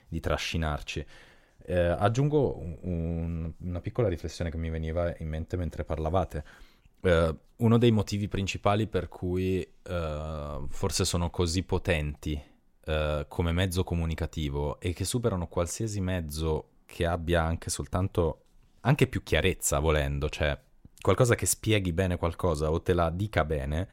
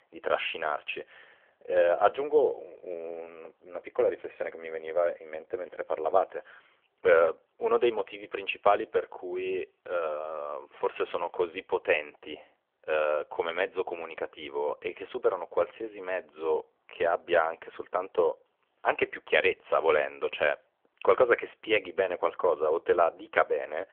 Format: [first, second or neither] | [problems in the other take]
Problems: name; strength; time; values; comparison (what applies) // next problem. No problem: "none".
first | phone-call audio; nothing above 3.5 kHz